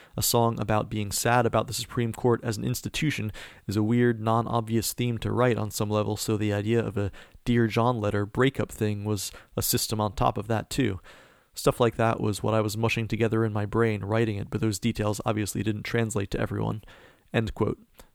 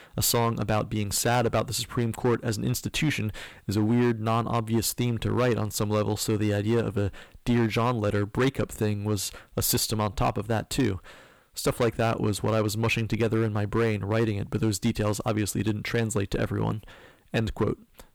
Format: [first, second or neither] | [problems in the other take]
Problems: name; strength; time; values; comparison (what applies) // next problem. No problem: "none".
first | distortion; slight; 6% of the sound clipped